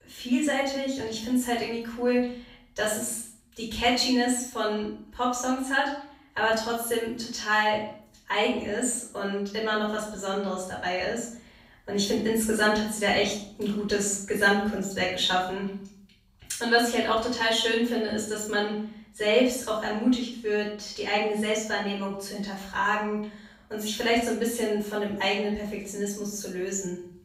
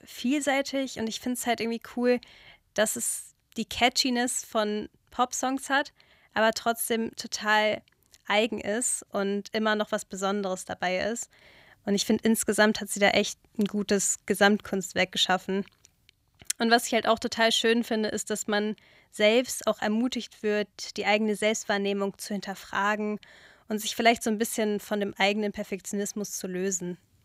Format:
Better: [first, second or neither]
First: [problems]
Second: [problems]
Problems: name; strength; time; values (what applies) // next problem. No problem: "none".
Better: second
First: off-mic speech; far // room echo; noticeable; dies away in 0.5 s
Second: none